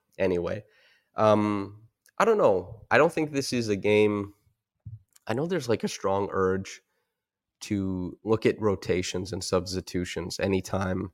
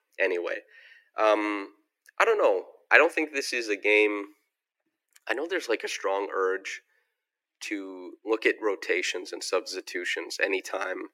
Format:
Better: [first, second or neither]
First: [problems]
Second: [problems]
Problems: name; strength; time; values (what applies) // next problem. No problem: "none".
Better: first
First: none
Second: thin; very; fading below 300 Hz